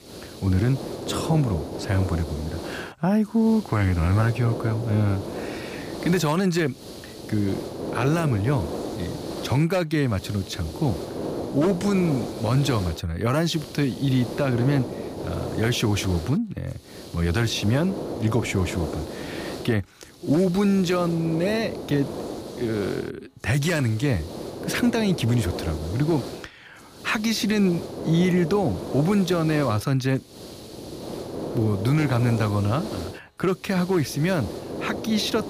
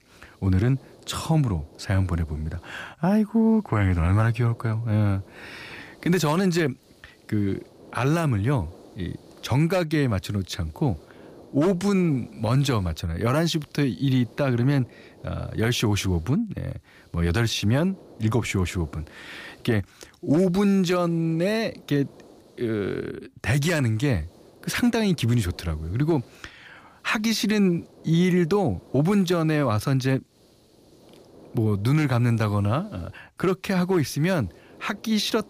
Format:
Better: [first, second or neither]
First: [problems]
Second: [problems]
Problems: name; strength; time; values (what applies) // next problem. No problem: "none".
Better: second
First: hiss; loud; throughout; 9 dB below the speech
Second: hiss; faint; throughout; 25 dB below the speech